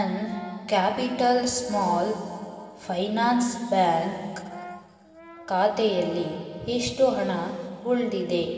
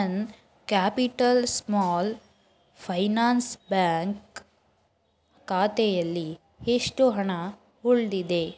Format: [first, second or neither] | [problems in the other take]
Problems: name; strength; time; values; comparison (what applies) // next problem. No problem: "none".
second | background sound (Brass instrument); 20 dB below the speech // room echo; dies away in 2.5 s